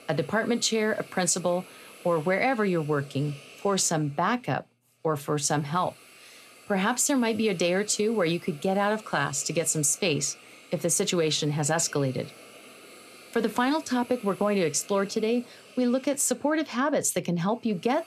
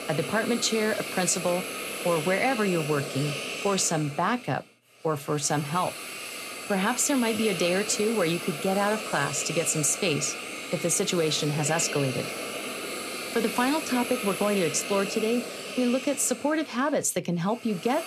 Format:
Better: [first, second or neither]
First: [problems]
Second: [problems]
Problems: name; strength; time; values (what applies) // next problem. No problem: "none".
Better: first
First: hiss; faint; throughout; 20 dB below the speech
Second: hiss; loud; throughout; 7 dB below the speech